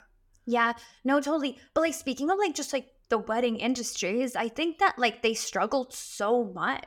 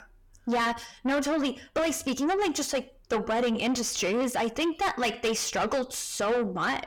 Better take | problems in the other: first | distortion; heavy; 6 dB below the speech

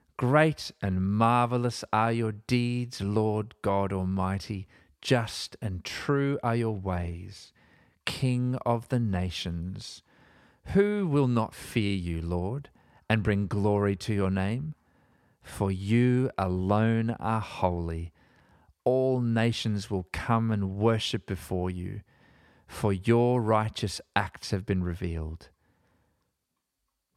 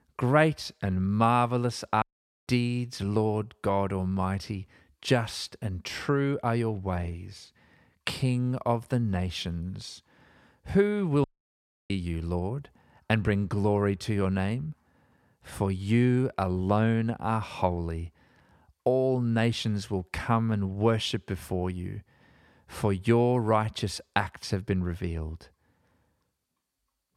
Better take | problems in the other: first | audio cutting out; at 2 s and at 11 s for 0.5 s

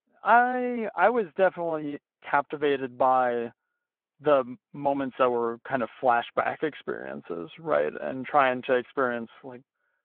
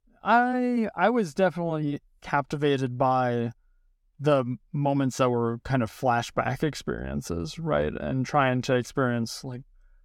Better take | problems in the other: second | phone-call audio

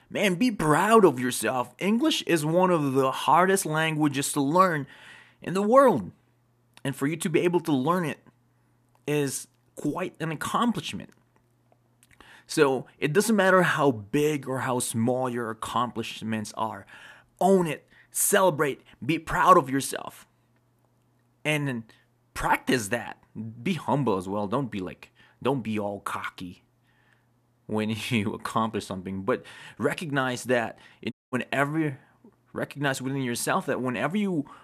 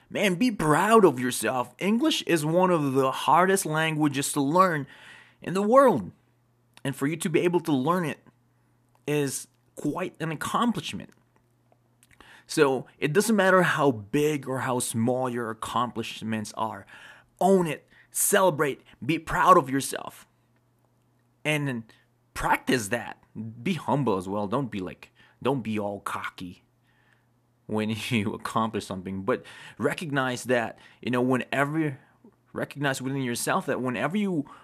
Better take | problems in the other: second | audio cutting out; at 31 s

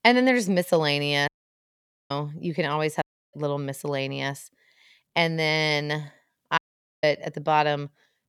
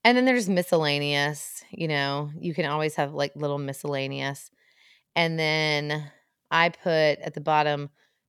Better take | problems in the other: second | audio cutting out; at 1.5 s for 1 s, at 3 s and at 6.5 s

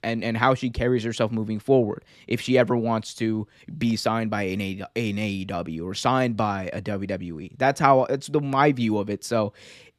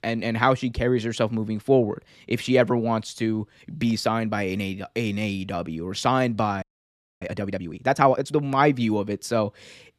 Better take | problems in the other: first | audio freezing; at 6.5 s for 0.5 s

